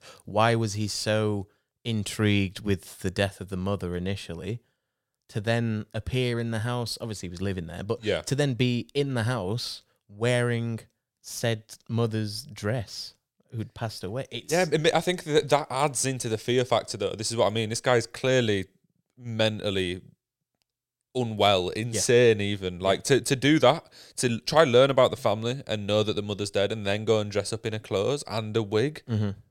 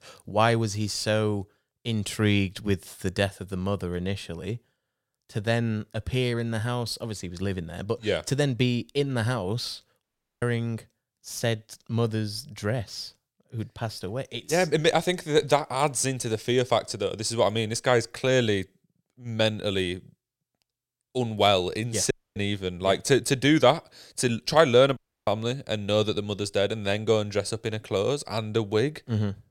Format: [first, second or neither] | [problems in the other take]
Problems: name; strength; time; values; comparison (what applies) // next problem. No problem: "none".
first | audio cutting out; at 10 s, at 22 s and at 25 s